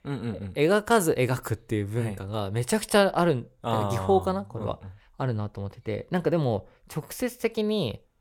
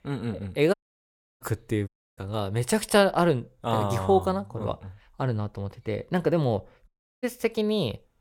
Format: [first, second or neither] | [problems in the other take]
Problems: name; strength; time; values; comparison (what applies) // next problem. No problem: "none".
first | audio cutting out; at 0.5 s for 0.5 s, at 2 s and at 7 s